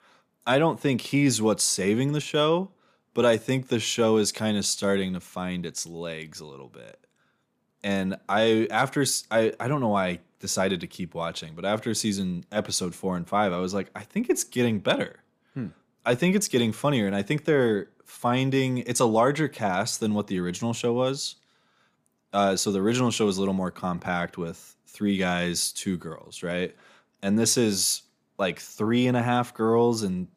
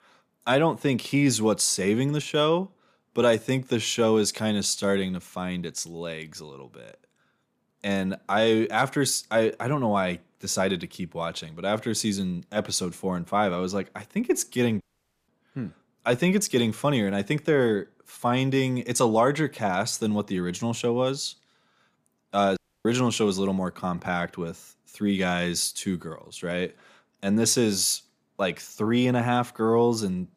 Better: first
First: none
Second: audio cutting out; at 15 s and at 23 s

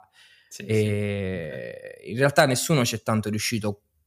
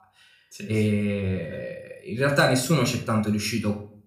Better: first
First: none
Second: off-mic speech; somewhat distant // room echo; slight; dies away in 0.4 s

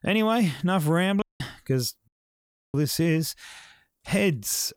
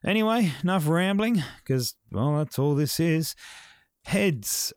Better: second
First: audio cutting out; at 1 s and at 2 s for 0.5 s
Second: none

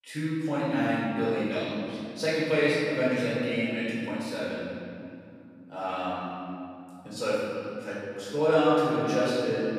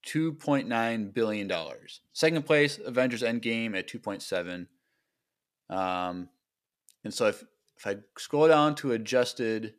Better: second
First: off-mic speech; far // room echo; strong; dies away in 2.7 s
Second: none

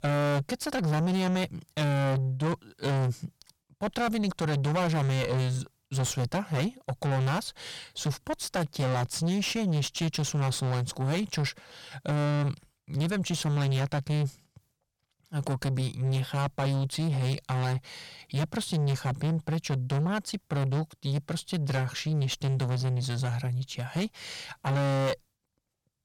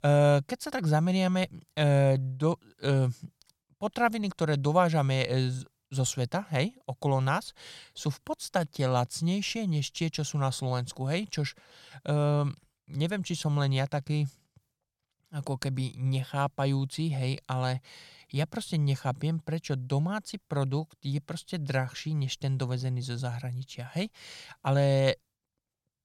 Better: second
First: distortion; heavy; 6 dB below the speech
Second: none

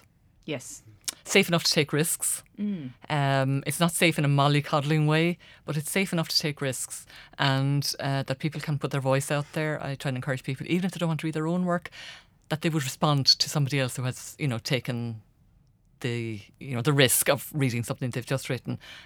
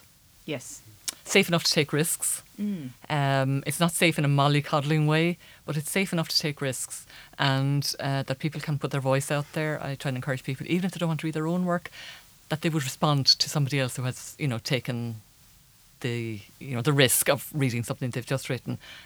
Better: first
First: none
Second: hiss; faint; throughout; 30 dB below the speech

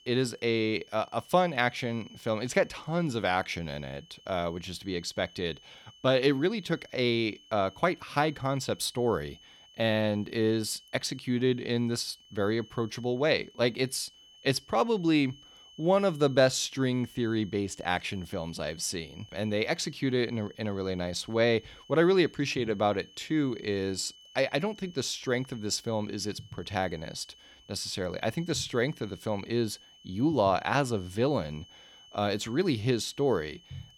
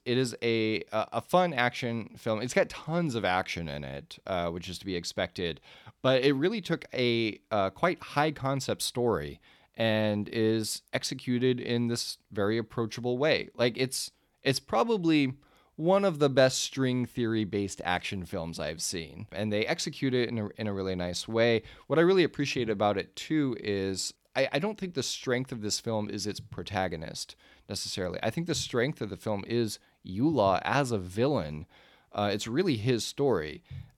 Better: second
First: high-pitched whine; faint; throughout; 3 kHz, 25 dB below the speech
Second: none

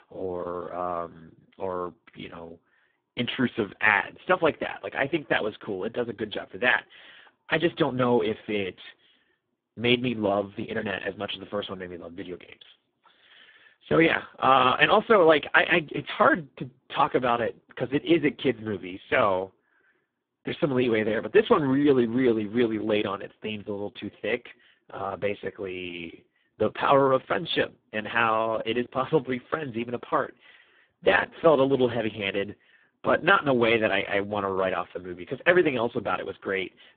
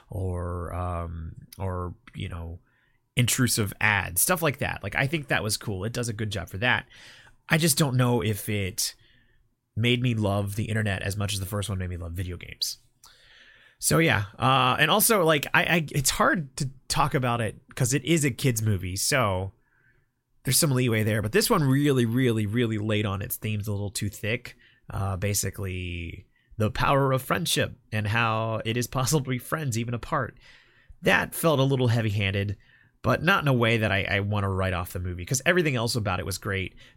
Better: second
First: phone-call audio; poor line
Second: none

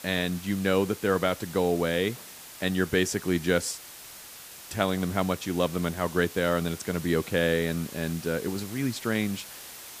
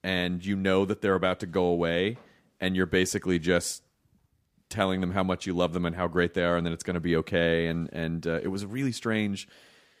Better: second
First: hiss; noticeable; throughout; 15 dB below the speech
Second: none

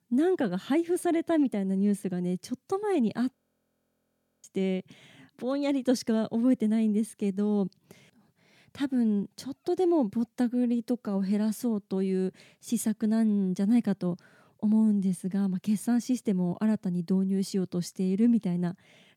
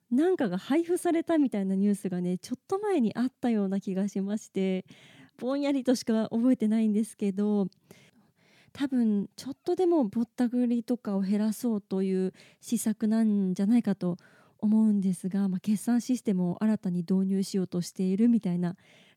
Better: second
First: audio freezing; at 3.5 s for 1 s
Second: none

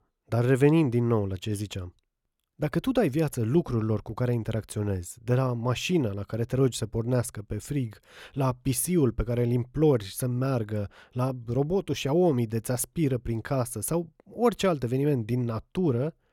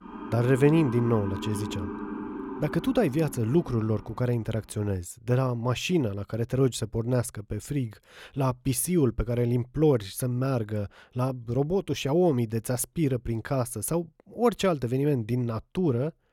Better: first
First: none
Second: siren; noticeable; until 4.5 s; peak 7 dB below the speech

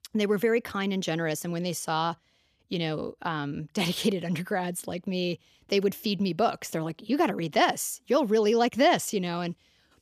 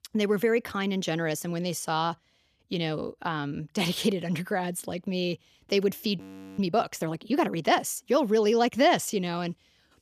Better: first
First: none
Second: audio freezing; at 6 s

